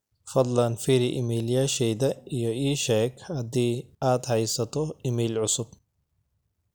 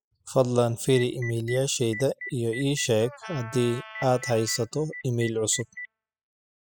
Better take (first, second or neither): first